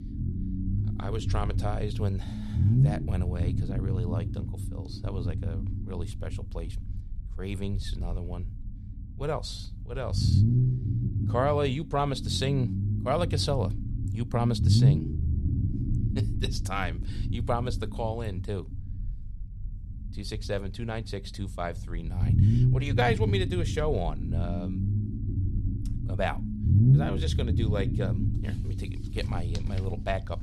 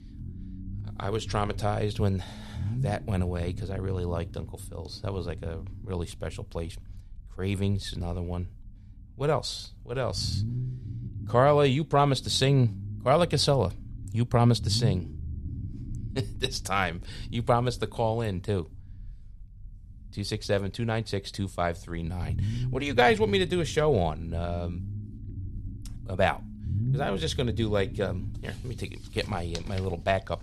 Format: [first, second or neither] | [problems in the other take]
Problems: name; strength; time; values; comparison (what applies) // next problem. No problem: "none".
second | low rumble; loud; throughout; 7 dB below the speech; faint in the second